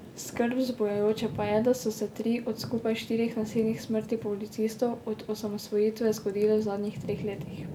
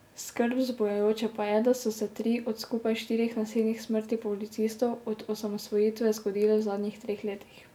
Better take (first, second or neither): second